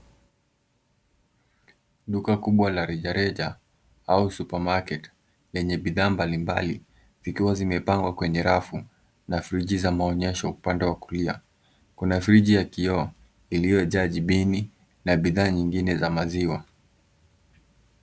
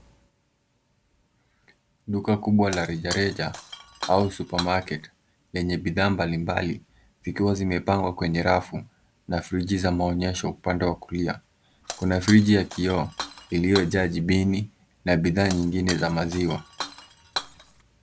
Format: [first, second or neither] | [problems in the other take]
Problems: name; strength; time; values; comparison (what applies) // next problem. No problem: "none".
first | background sound (Shatter); 12 dB below the speech